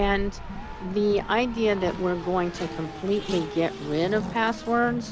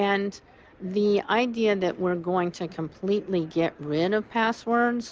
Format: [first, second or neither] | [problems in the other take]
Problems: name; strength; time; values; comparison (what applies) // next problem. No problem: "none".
second | background sound (Race car, auto racing); 9 dB below the speech